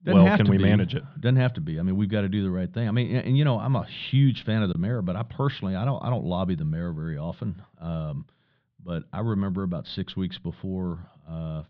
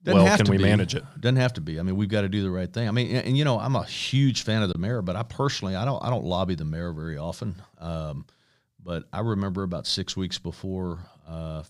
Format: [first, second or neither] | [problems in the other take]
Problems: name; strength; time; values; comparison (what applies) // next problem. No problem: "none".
second | muffled; slightly; fading above 3.5 kHz